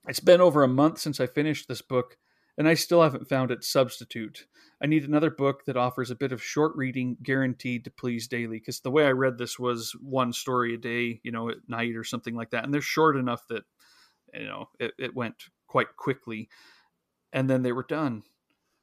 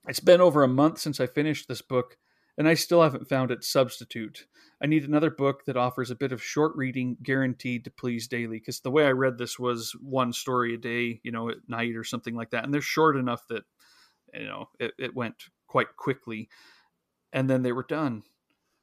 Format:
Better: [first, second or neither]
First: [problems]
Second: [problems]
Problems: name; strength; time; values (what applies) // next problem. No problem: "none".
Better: neither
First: none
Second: none